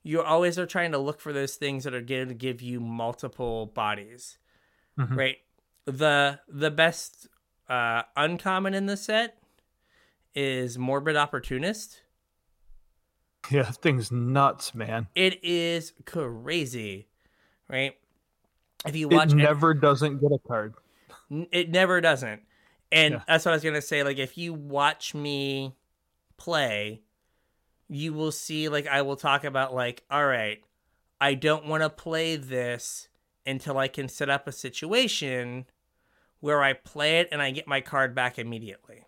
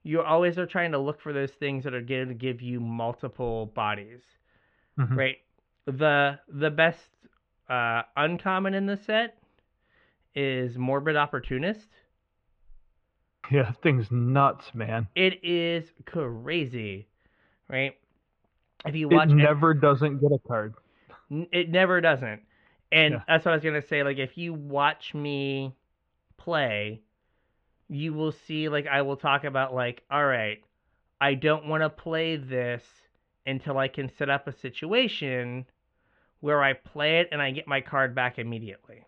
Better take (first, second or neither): first